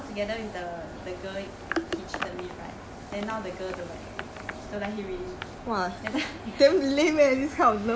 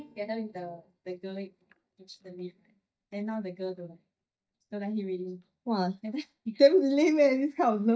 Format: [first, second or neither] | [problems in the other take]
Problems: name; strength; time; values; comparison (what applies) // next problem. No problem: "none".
first | noise reduction (neural mask model DeepFilterNet 3)